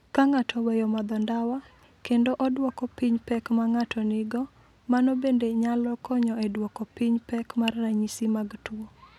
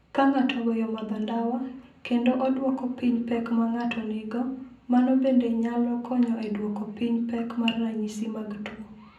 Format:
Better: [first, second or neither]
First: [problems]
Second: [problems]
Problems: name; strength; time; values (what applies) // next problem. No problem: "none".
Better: first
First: none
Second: room echo; dies away in 0.6 s